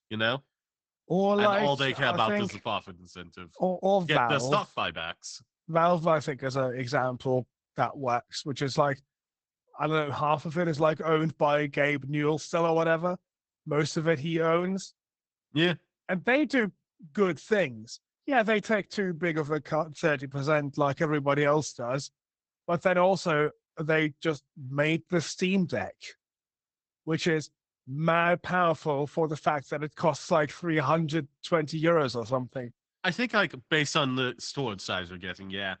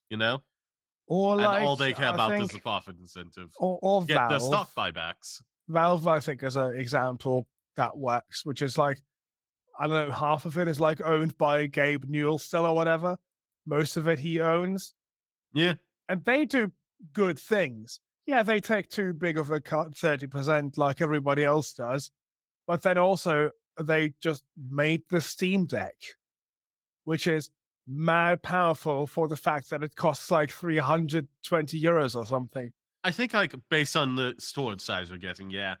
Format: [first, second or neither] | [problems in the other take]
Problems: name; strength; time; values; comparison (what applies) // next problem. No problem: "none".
second | garbled, watery; badly; nothing above 8 kHz; slightly in the second